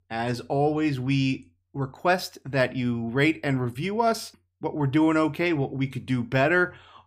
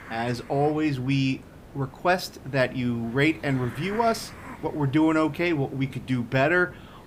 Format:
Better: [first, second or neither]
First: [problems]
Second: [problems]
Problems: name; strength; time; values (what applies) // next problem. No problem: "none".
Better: first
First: none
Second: hiss; noticeable; throughout; 20 dB below the speech